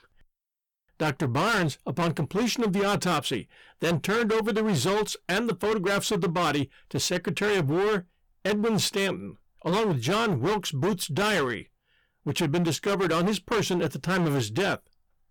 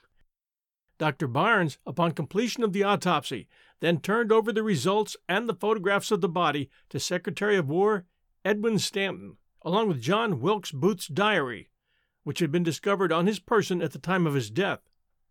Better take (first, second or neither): second